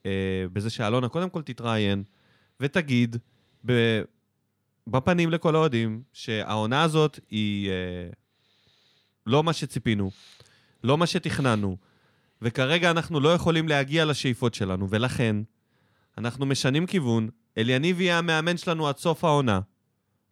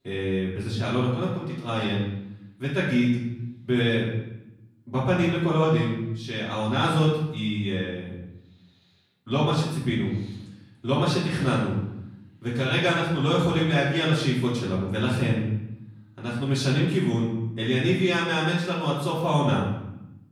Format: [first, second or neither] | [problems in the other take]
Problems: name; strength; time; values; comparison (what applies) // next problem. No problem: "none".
first | off-mic speech; far // room echo; noticeable; dies away in 0.8 s